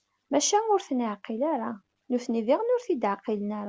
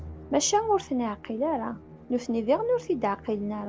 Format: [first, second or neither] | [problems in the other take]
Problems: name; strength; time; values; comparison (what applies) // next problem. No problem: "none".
first | background sound (Musical instrument); 18 dB below the speech